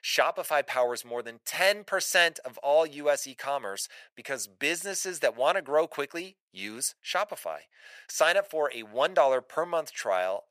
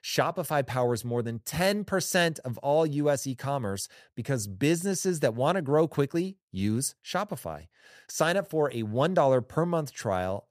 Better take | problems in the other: second | thin; very; fading below 600 Hz

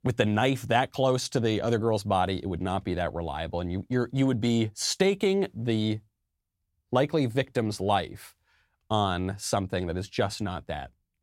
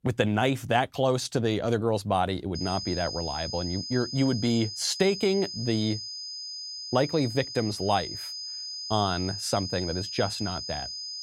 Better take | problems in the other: first | high-pitched whine; loud; from 2.5 s on; 5 kHz, 6 dB below the speech

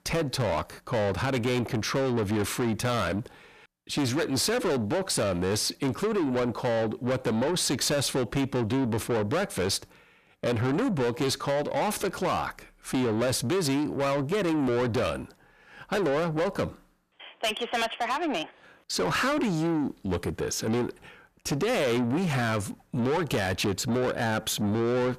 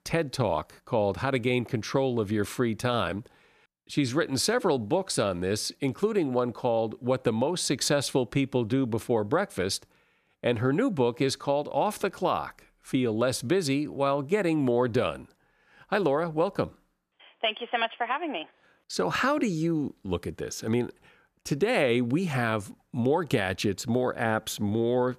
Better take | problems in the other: second | distortion; heavy; 7 dB below the speech

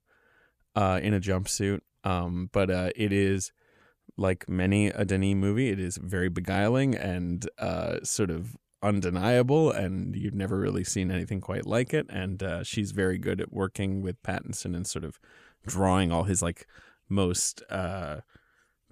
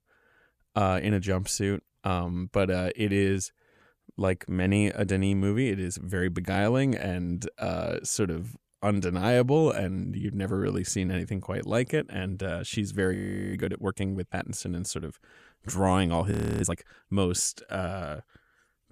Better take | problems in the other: first | audio freezing; at 13 s and at 16 s

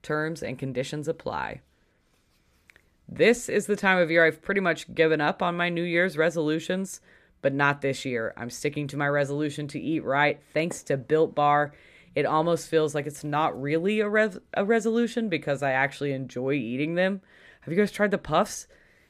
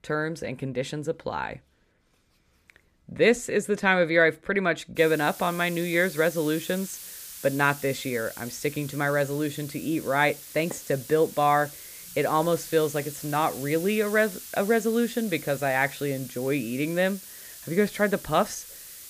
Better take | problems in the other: first | hiss; noticeable; from 5 s on; 15 dB below the speech

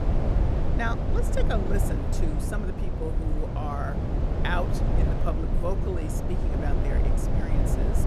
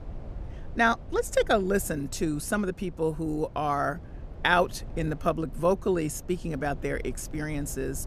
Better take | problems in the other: second | low rumble; loud; throughout; 1 dB below the speech; faint in the second

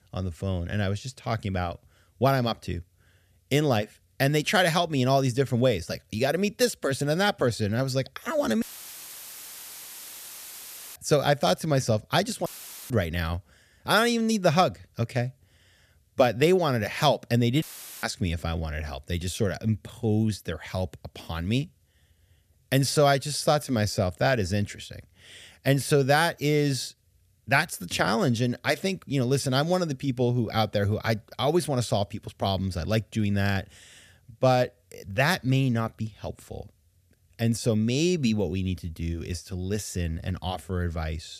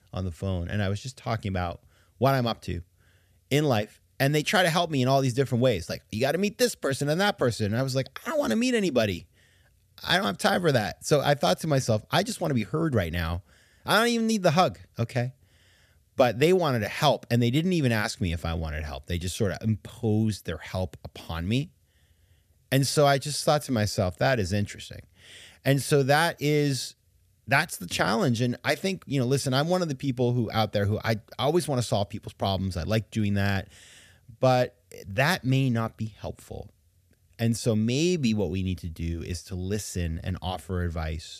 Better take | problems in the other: second | audio cutting out; filled with static; at 8.5 s for 2.5 s, at 12 s and at 18 s

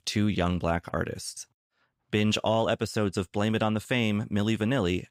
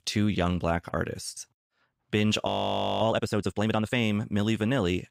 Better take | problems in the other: first | audio freezing; at 2.5 s for 0.5 s

